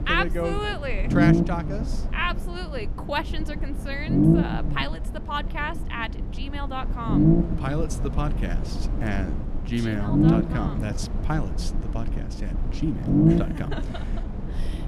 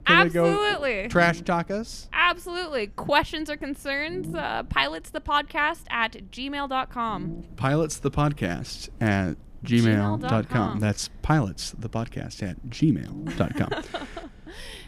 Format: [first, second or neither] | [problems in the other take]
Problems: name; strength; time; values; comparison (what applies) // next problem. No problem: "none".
second | low rumble; loud; throughout; as loud as the speech; faint in the second